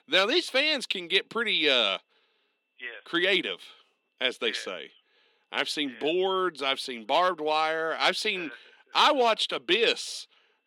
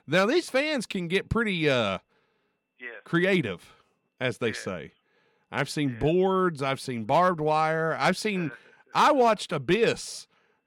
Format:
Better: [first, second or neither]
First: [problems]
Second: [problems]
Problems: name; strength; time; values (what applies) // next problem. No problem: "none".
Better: second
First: thin; somewhat; fading below 250 Hz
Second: none